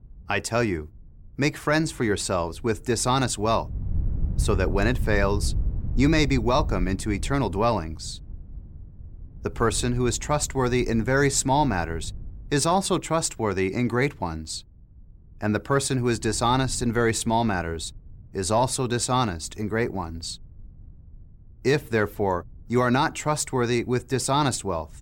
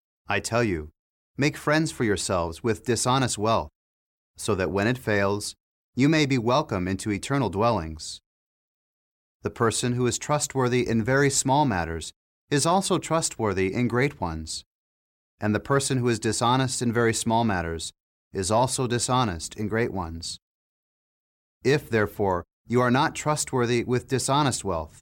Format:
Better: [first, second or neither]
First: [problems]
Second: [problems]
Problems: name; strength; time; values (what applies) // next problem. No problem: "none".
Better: second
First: wind noise on the microphone; occasional gusts; 25 dB below the speech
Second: none